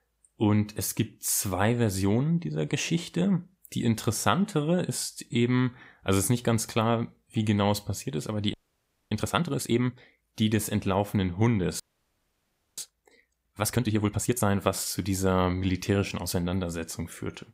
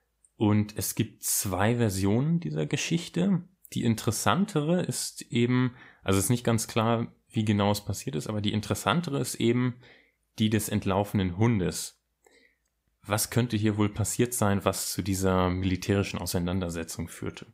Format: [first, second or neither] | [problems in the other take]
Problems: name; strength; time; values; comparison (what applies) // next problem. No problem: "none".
second | audio freezing; at 8.5 s for 0.5 s and at 12 s for 1 s